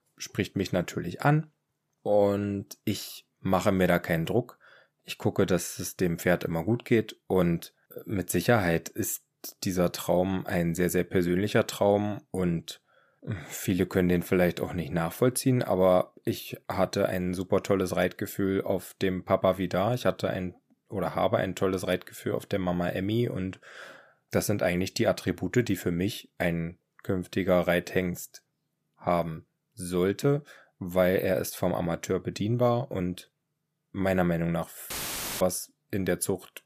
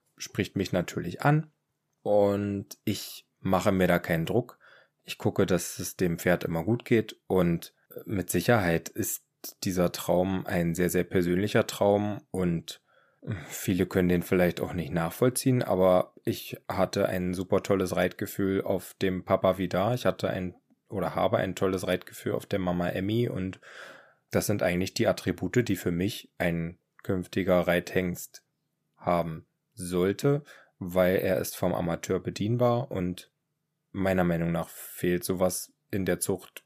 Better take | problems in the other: second | audio cutting out; filled with static; at 35 s for 0.5 s

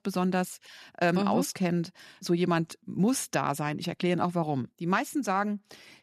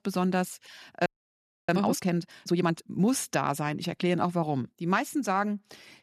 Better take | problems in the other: first | audio freezing; at 1 s for 0.5 s

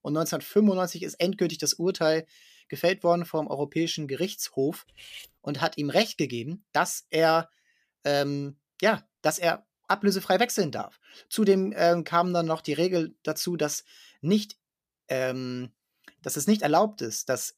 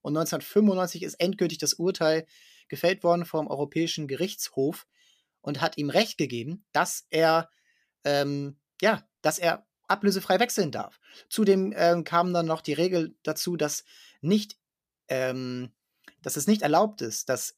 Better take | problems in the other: second | clattering dishes; faint; at 5 s; peak 15 dB below the speech

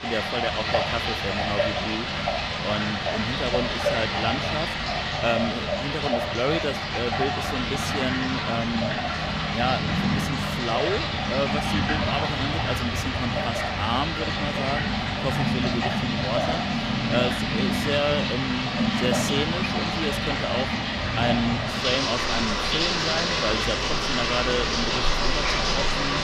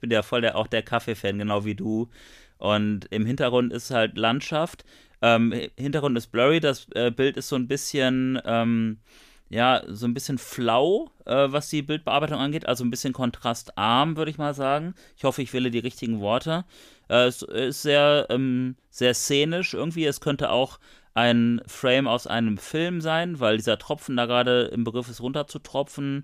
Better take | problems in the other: second | rain or running water; very loud; throughout; 5 dB above the speech

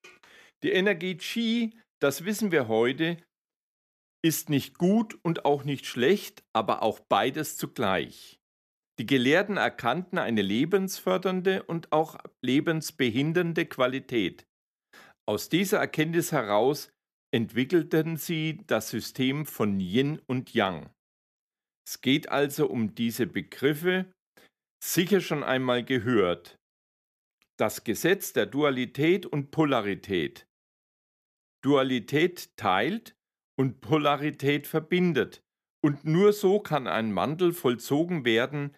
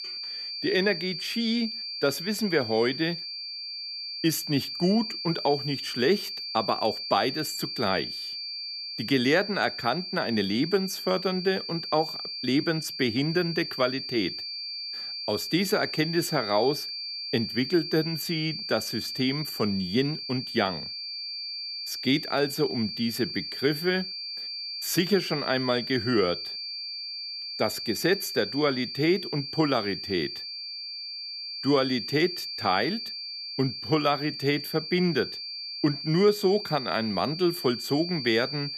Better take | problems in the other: first | high-pitched whine; loud; throughout; 4.5 kHz, 6 dB below the speech

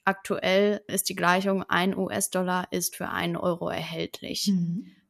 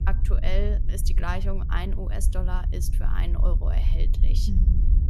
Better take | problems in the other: first | low rumble; loud; throughout; 9 dB below the speech

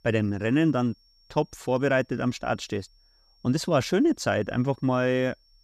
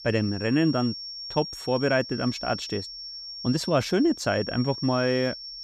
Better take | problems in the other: first | high-pitched whine; loud; throughout; 5.5 kHz, 9 dB below the speech; faint in the first

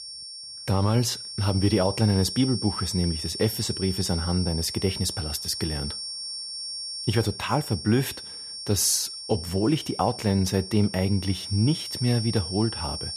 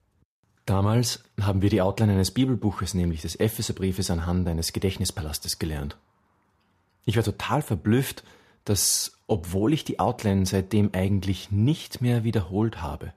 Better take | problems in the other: second | high-pitched whine; loud; throughout; 5.5 kHz, 7 dB below the speech

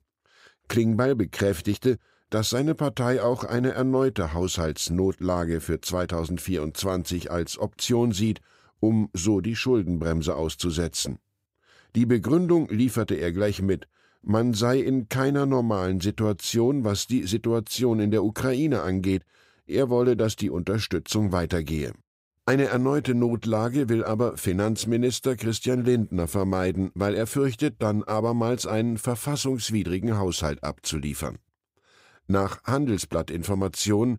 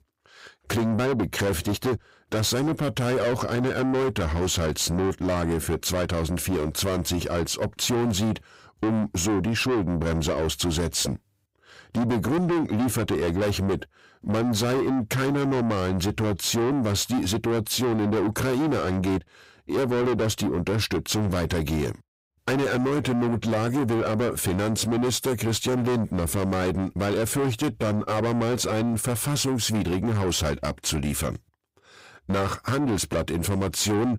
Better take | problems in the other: first | distortion; heavy; 6 dB below the speech

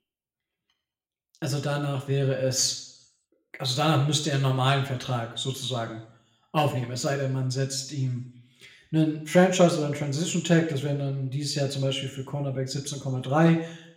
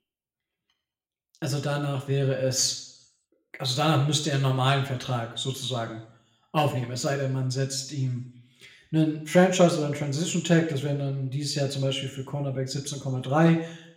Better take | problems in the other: neither | room echo; slight; dies away in 0.6 s; the same in both

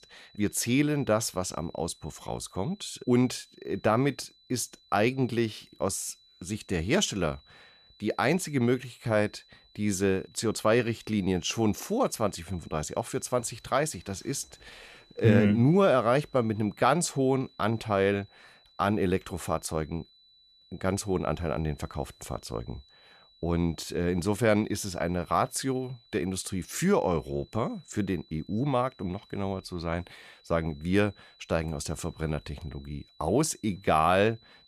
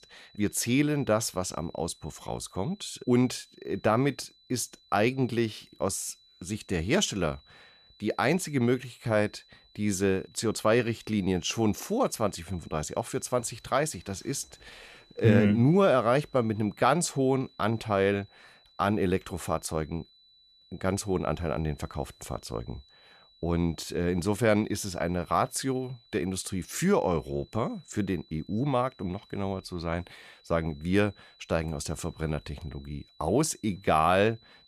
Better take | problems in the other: neither | high-pitched whine; faint; throughout; 4 kHz, 30 dB below the speech; the same in both

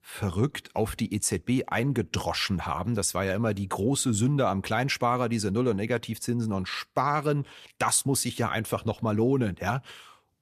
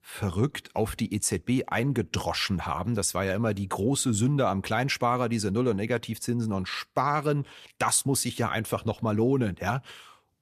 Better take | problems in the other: neither | none

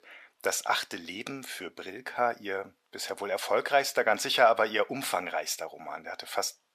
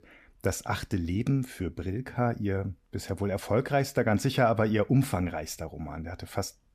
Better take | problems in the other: second | thin; very; fading below 700 Hz

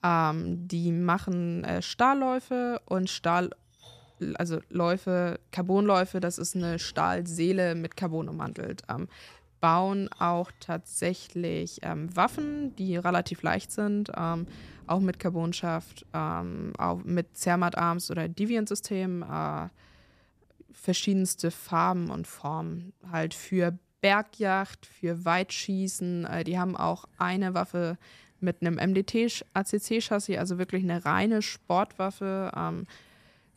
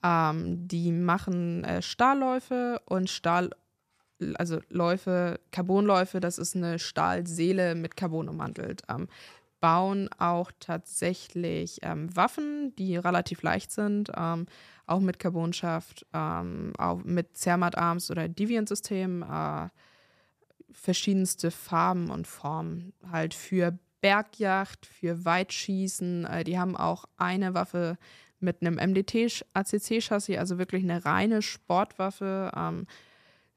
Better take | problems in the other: second | rain or running water; faint; throughout; 30 dB below the speech

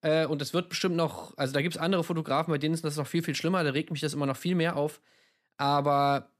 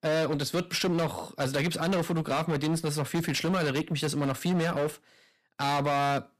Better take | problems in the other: first | distortion; heavy; 20% of the sound clipped

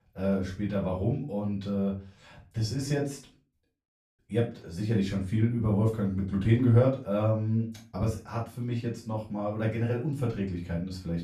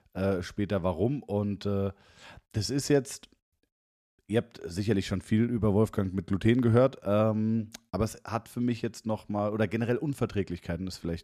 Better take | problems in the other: second | off-mic speech; far // room echo; slight; dies away in 0.3 s

